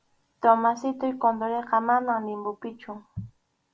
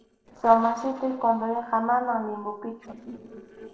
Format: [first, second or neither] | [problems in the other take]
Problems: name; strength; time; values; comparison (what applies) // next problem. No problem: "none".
first | noise reduction (neural separator model SepFormer DNS4)